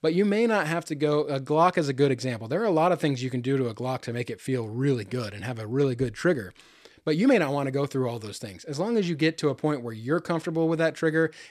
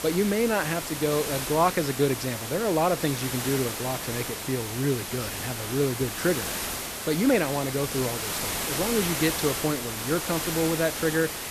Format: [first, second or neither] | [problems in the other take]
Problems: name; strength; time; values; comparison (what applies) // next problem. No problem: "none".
first | hiss; loud; throughout; 3 dB below the speech